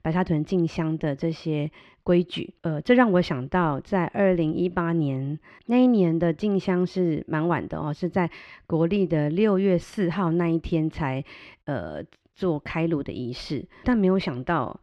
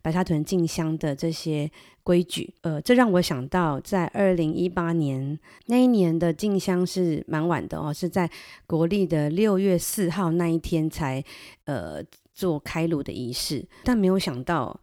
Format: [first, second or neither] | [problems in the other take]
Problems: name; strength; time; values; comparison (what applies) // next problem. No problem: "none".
second | muffled; slightly; fading above 2.5 kHz